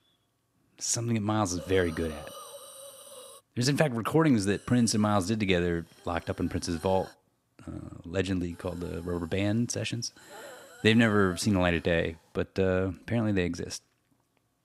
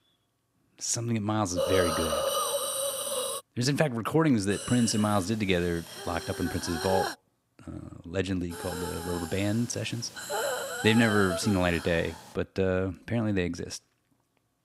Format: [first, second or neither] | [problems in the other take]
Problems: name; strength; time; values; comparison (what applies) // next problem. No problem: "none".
first | hiss; loud; from 1.5 to 3.5 s, from 4.5 to 7 s and from 8.5 to 12 s; 4 dB below the speech; faint in the first